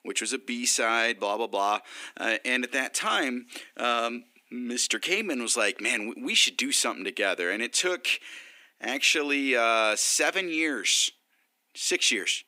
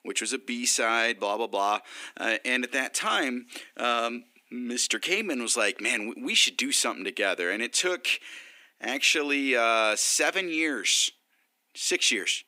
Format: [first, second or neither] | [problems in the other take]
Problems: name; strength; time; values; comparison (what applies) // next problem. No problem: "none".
neither | thin; somewhat; fading below 250 Hz; the same in both